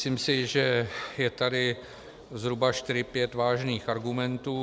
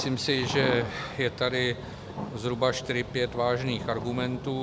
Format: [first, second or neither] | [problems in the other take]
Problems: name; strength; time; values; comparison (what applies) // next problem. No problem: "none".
first | background sound (Mechanical fan + Thunder); 9 dB below the speech